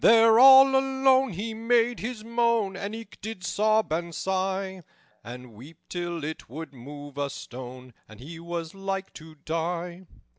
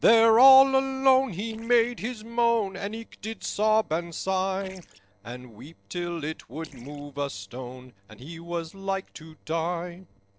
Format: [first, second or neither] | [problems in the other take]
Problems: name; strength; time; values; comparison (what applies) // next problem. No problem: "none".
first | noise reduction (neural separator model SepFormer DNS4)